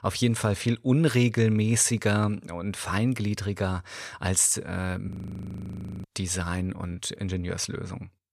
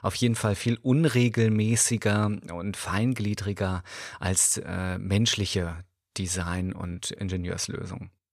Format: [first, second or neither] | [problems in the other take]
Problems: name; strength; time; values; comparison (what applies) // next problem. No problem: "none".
second | audio freezing; at 5 s for 1 s